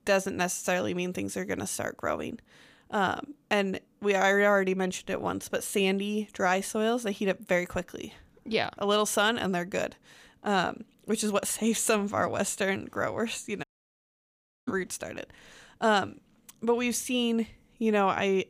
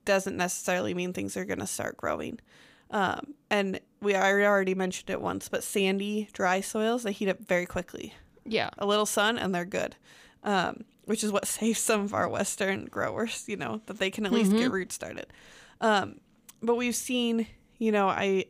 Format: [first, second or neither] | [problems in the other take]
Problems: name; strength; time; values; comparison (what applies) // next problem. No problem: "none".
second | audio cutting out; at 14 s for 1 s